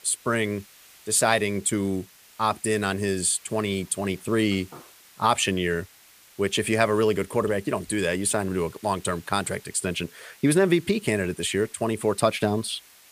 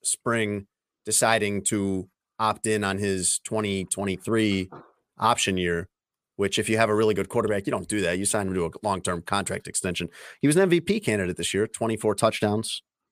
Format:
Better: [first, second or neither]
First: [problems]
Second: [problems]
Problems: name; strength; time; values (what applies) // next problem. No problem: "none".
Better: second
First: hiss; faint; throughout; 25 dB below the speech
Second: none